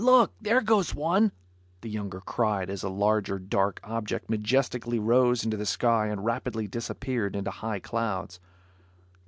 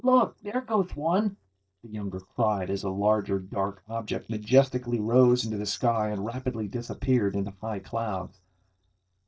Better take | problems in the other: first | noise reduction (neural mask model DeepFilterNet 3)

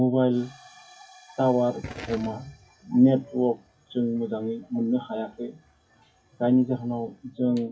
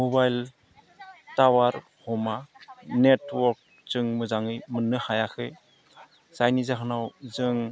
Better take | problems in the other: second | noise reduction (classical method WPE with log-MMSE)

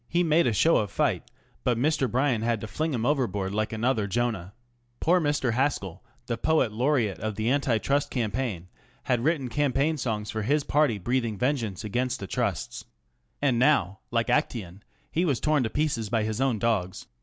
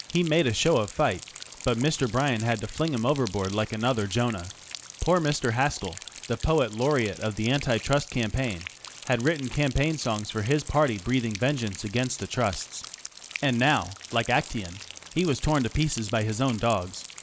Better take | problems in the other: first | background sound (Rain); 16 dB below the speech

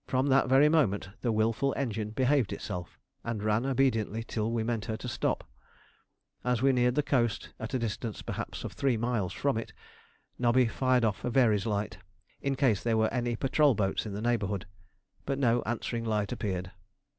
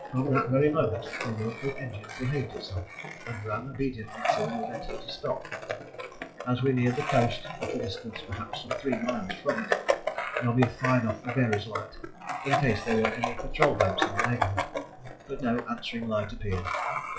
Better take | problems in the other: first | noise reduction (classical method WPE with log-MMSE)

